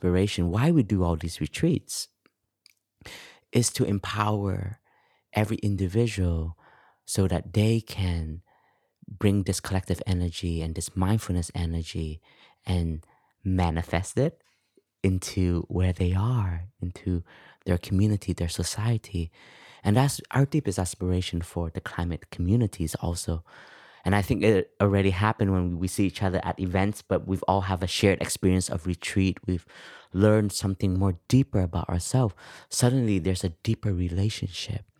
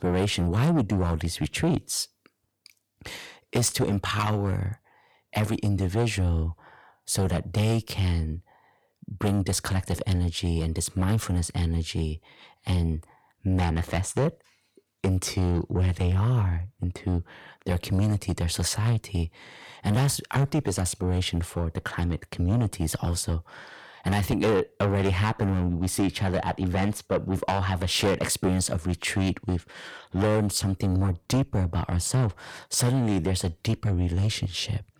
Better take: first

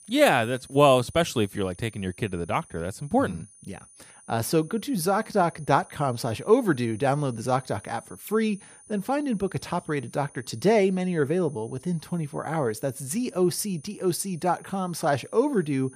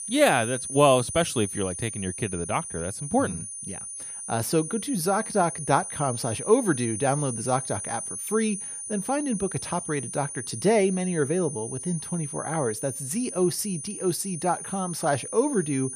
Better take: first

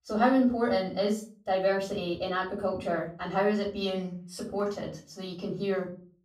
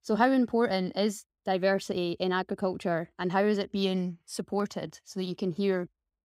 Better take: second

